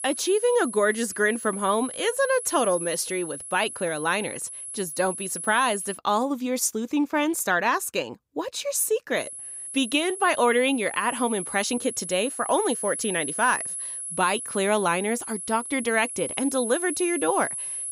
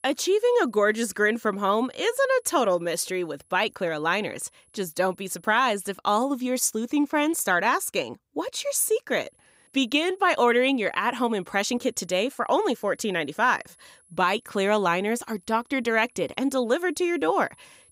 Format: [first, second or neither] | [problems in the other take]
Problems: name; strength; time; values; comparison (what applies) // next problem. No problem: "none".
second | high-pitched whine; loud; until 6 s and from 9 s on; 10.5 kHz, 7 dB below the speech; faint in the second